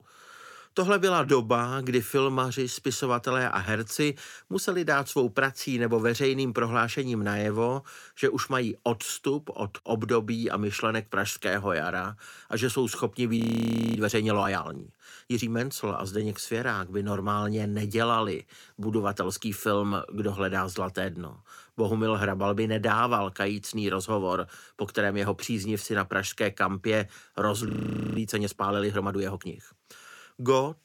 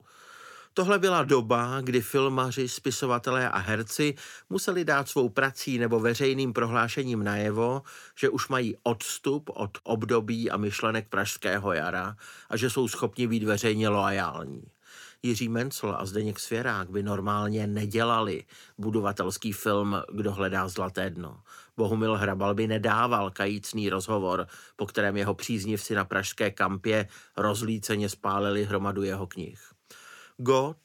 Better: second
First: audio freezing; at 13 s for 0.5 s and at 28 s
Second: none

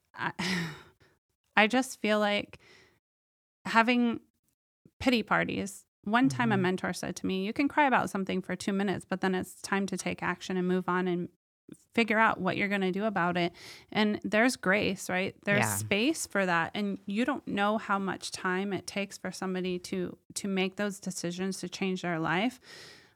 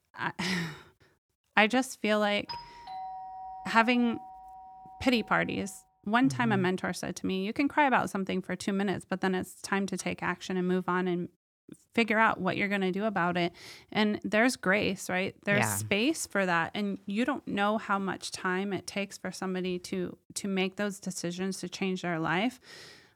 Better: first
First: none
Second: doorbell; faint; from 2.5 to 5.5 s; peak 10 dB below the speech

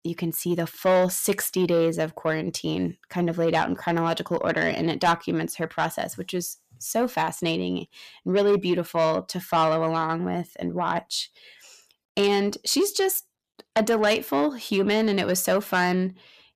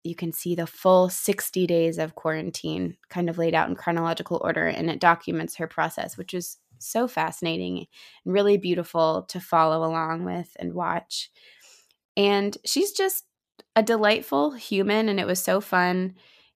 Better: second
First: distortion; slight; 10 dB below the speech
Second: none

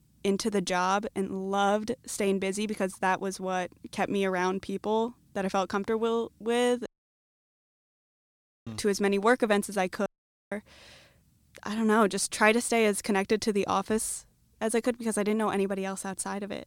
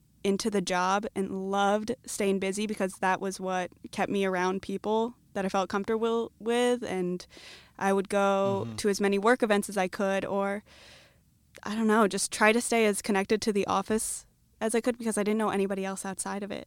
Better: second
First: audio cutting out; at 7 s for 2 s and at 10 s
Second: none

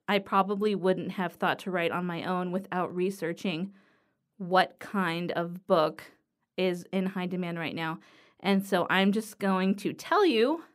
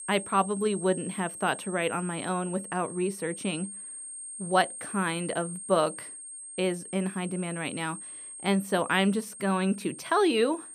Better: first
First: none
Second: high-pitched whine; noticeable; throughout; 8.5 kHz, 10 dB below the speech

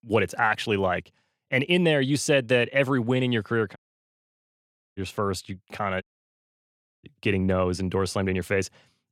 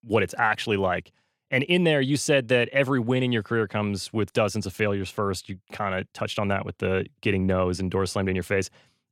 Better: second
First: audio cutting out; at 4 s for 1 s and at 6 s for 1 s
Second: none

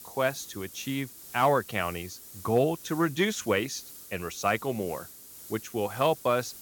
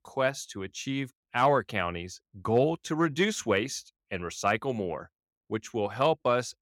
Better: second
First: hiss; noticeable; throughout; 15 dB below the speech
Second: none

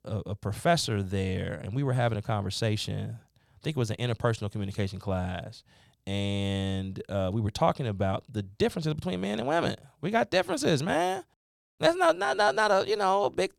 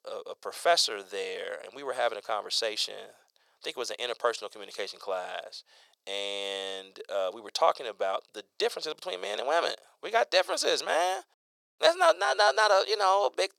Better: first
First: none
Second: thin; very; fading below 500 Hz

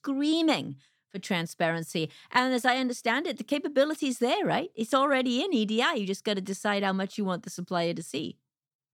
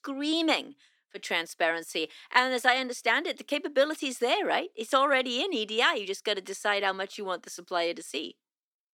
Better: first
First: none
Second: thin; somewhat; fading below 300 Hz

